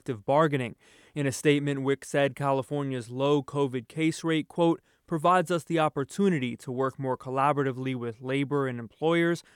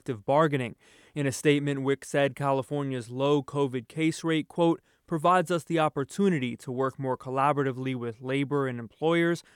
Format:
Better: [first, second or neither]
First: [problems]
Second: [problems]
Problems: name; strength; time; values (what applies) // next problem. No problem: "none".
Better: neither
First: none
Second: none